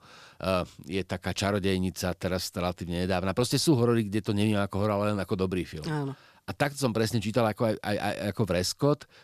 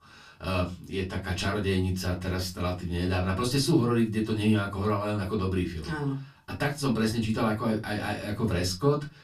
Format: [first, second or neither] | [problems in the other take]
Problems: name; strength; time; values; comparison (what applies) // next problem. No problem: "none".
first | off-mic speech; far // room echo; very slight; dies away in 0.2 s